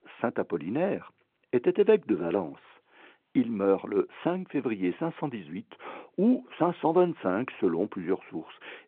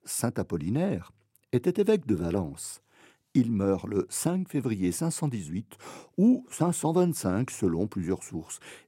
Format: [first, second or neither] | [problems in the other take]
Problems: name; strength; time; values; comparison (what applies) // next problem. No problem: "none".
second | phone-call audio